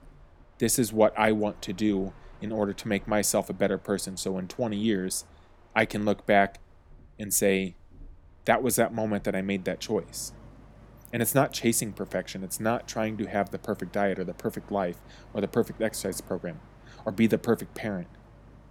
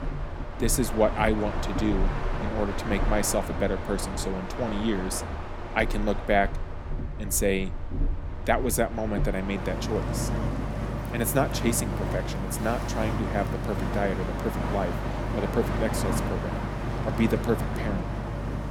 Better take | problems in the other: first | train or aircraft noise; loud; throughout; 3 dB below the speech; faint in the first

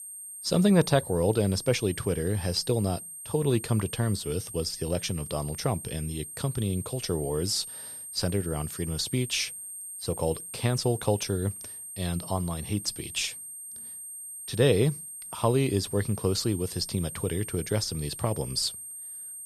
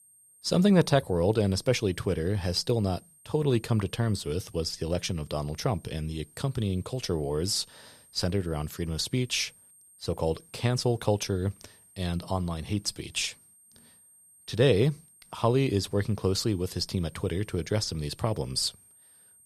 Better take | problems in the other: second | high-pitched whine; loud; throughout; 8.5 kHz, 10 dB below the speech; faint in the second

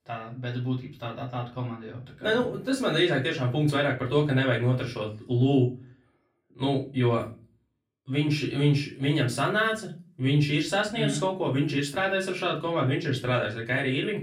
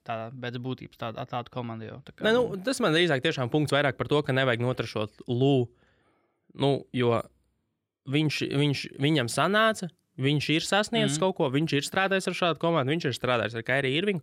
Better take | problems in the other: second | off-mic speech; far // room echo; slight; dies away in 0.3 s

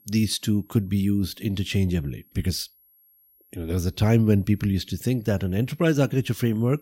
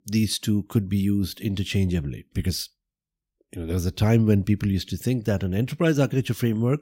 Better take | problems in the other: second | high-pitched whine; faint; throughout; 11.5 kHz, 30 dB below the speech

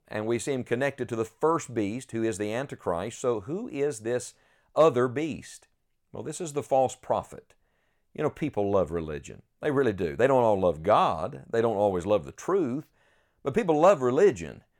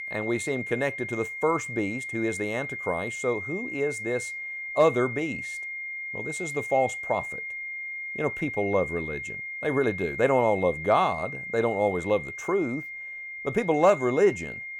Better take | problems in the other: first | high-pitched whine; loud; throughout; 2 kHz, 6 dB below the speech

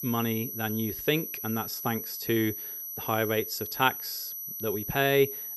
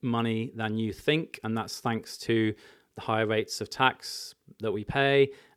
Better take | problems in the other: second | high-pitched whine; loud; throughout; 12 kHz, 5 dB below the speech

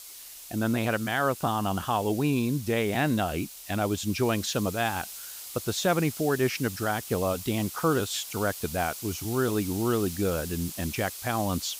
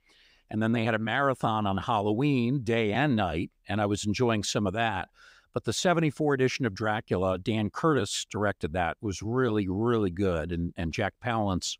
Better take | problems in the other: second | hiss; noticeable; throughout; 10 dB below the speech

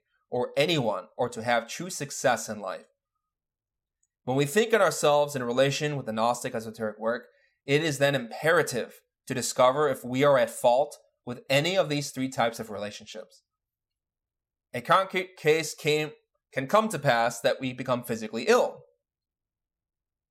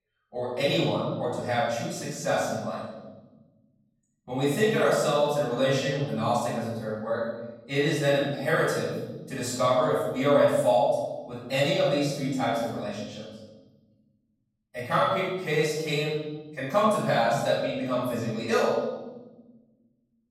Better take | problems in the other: first | off-mic speech; far // room echo; strong; dies away in 1.4 s

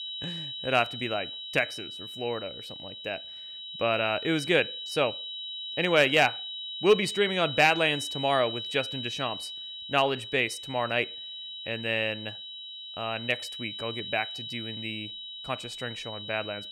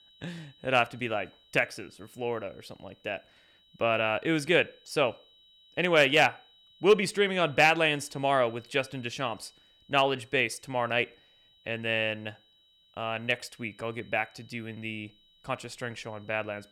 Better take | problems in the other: second | high-pitched whine; loud; throughout; 4 kHz, 8 dB below the speech; faint in the second

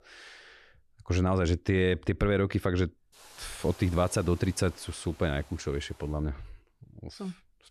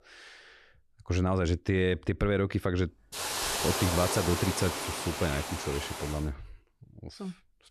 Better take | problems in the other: first | hiss; loud; from 3 to 6 s; 2 dB below the speech; faint in the first

